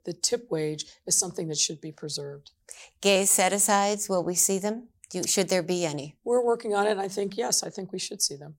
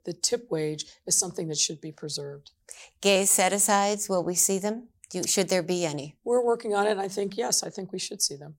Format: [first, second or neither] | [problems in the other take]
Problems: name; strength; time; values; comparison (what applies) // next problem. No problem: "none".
neither | none